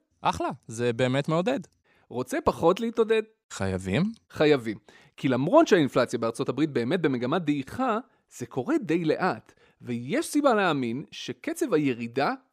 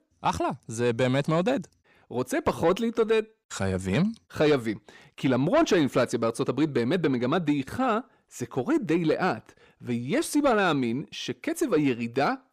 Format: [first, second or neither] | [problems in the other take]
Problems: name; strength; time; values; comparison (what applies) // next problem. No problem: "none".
first | distortion; slight; 10 dB below the speech